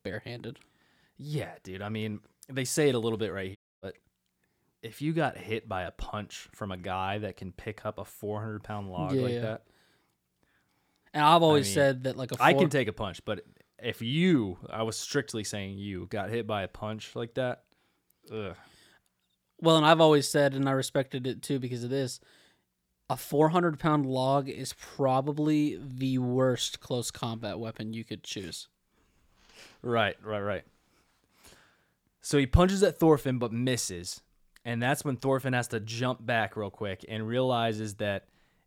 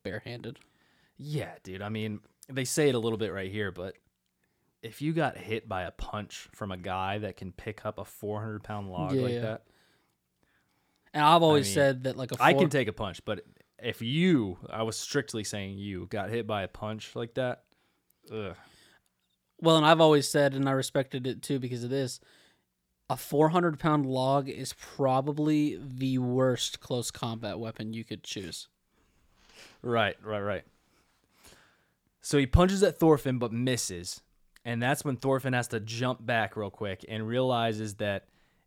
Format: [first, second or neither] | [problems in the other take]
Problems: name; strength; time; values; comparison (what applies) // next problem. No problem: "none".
second | audio cutting out; at 3.5 s